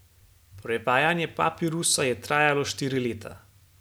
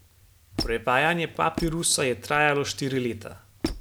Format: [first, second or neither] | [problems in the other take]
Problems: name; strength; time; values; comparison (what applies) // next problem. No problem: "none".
first | background sound (Squeak); 11 dB below the speech